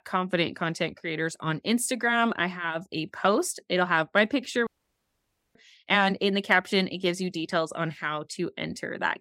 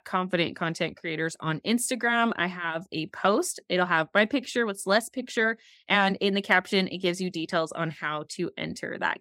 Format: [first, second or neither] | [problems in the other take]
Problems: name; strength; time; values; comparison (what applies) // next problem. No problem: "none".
second | audio cutting out; at 4.5 s for 1 s